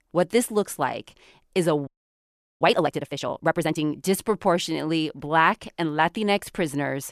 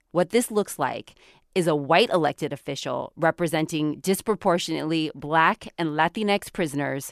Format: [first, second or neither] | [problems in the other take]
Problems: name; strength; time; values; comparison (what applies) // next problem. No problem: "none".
second | audio freezing; at 2 s for 0.5 s